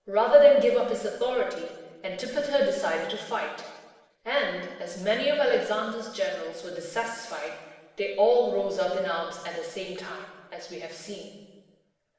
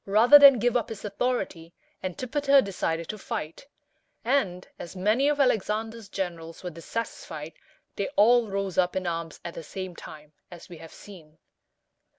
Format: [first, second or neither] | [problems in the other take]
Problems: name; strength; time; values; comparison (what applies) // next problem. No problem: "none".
second | room echo; dies away in 1 s